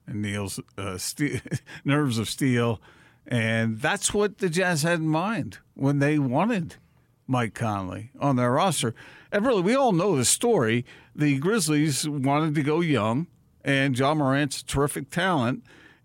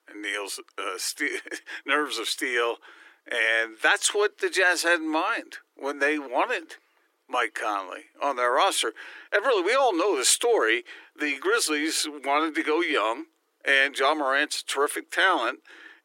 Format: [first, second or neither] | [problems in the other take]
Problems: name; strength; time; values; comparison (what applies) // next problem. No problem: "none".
first | thin; very; fading below 300 Hz